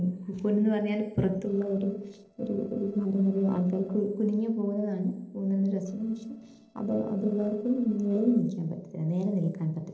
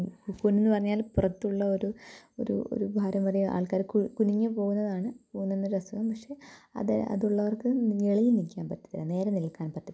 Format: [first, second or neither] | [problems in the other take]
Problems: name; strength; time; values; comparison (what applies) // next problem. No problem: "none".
second | noise reduction (neural separator model SepFormer DNS4)